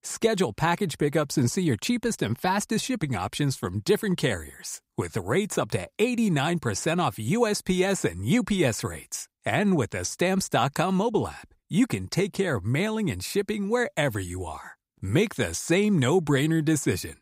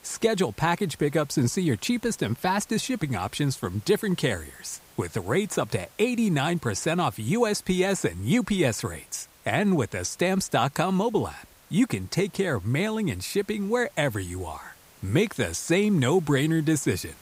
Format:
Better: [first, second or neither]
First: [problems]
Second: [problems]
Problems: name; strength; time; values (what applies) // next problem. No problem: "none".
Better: first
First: none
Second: hiss; faint; throughout; 25 dB below the speech